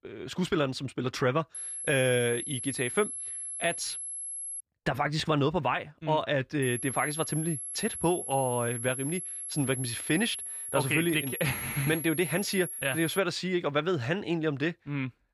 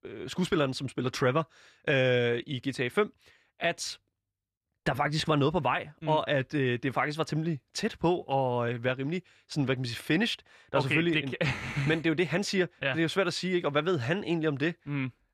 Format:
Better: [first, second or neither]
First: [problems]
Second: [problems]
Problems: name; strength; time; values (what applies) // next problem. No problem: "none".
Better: second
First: high-pitched whine; loud; from 1.5 to 4.5 s and from 6.5 to 13 s; 11 kHz, 5 dB below the speech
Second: none